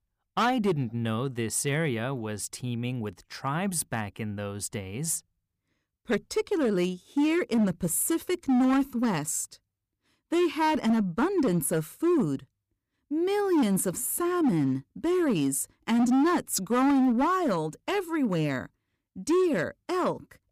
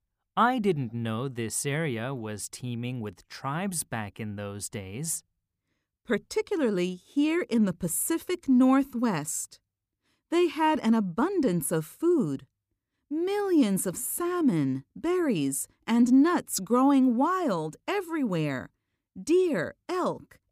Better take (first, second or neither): second